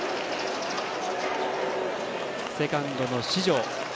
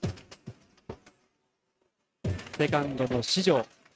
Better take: first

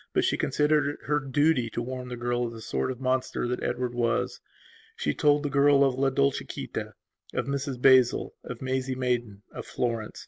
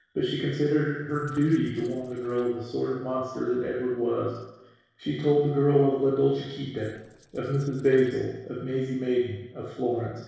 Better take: first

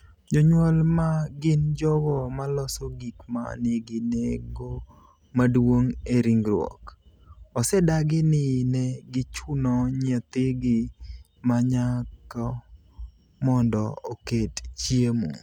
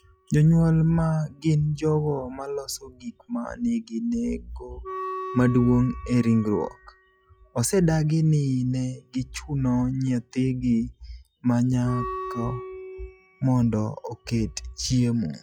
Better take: first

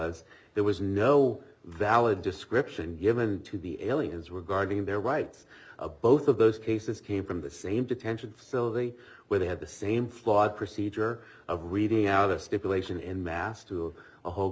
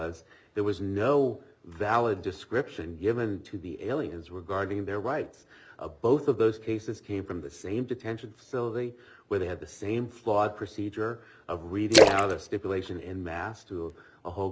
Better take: first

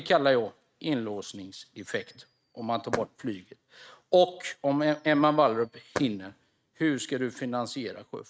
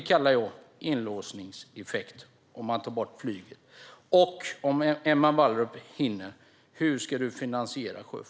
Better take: second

